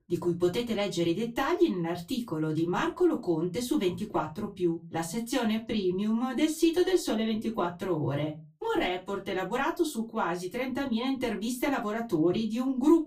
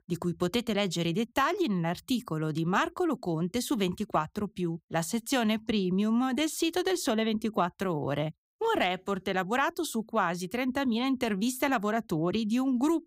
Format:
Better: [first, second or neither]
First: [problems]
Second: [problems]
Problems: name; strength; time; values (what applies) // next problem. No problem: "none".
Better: second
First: off-mic speech; far // room echo; very slight; dies away in 0.2 s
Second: none